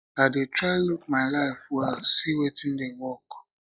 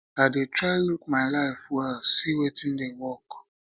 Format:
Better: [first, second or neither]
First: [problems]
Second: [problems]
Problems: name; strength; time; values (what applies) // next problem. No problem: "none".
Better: second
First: noise reduction (classical method log-MMSE)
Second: none